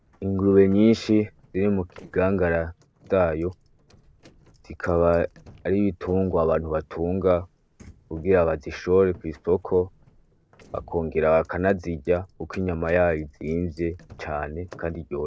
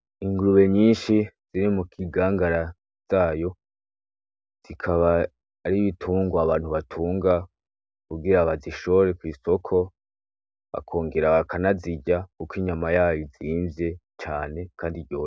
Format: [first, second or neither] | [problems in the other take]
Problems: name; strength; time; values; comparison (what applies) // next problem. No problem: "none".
second | noise reduction (neural separator model SepFormer DNS4)